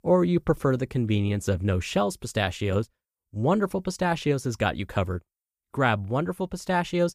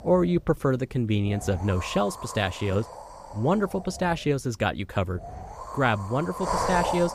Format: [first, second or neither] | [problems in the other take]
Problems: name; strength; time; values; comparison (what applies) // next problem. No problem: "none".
first | wind noise on the microphone; heavy; 5 dB below the speech